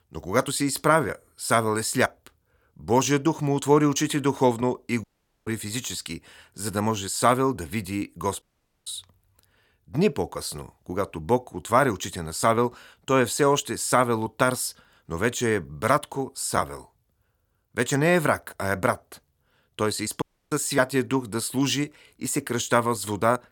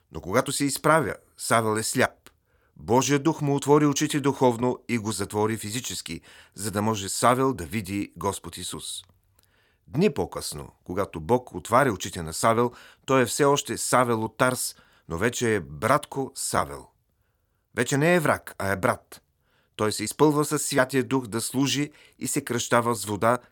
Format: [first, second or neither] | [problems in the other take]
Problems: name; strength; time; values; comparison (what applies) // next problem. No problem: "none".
second | audio cutting out; at 5 s, at 8.5 s and at 20 s